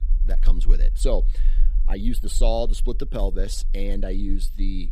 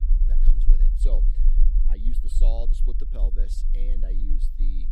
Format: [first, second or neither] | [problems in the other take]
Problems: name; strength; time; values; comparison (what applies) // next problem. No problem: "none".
first | low rumble; loud; throughout; 6 dB below the speech; faint in the first